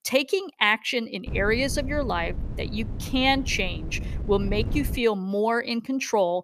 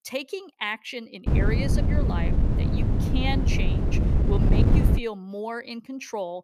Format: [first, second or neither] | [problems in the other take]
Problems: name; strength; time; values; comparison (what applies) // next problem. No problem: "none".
first | wind noise on the microphone; heavy; from 1.5 to 5 s; 1 dB below the speech; occasional gusts in the first